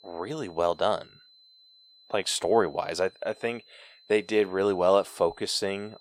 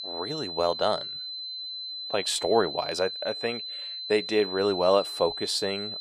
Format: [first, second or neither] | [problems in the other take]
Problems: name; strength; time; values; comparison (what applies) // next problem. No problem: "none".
first | high-pitched whine; loud; throughout; 4 kHz, 6 dB below the speech; faint in the first